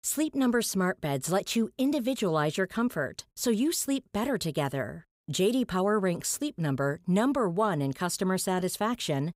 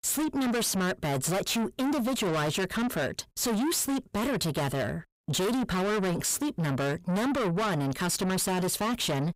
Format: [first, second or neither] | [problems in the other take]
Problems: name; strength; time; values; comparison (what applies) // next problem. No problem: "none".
first | distortion; heavy; 6 dB below the speech